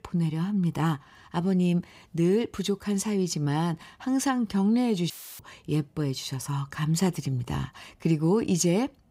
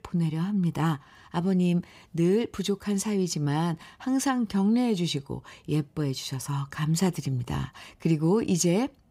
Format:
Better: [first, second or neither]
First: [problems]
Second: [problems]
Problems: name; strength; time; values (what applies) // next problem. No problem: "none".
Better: second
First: audio cutting out; filled with static; at 5 s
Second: none